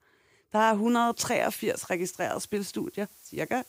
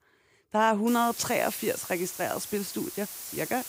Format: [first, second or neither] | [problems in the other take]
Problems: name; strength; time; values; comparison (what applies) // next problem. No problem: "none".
first | hiss; loud; from 1 s on; 9 dB below the speech; faint in the first